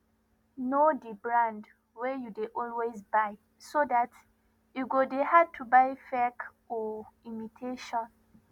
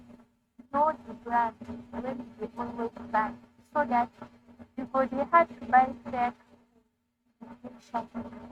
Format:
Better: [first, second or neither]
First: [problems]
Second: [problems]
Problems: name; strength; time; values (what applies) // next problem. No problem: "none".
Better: first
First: none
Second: noise reduction (neural mask model RNNoise)